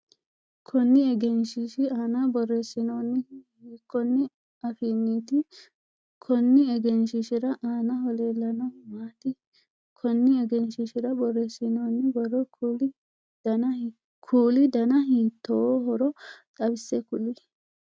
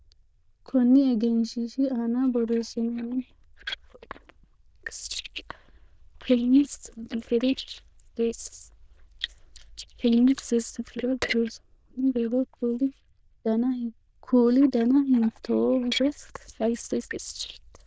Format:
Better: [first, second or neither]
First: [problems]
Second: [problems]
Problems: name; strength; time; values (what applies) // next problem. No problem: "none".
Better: first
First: none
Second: noise reduction (neural diffusion model UNIVERSE++)